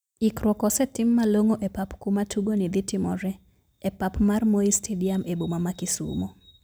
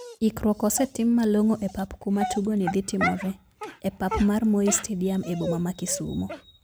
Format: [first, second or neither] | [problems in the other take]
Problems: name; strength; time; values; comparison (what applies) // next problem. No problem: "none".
first | background sound (Dog); 11 dB below the speech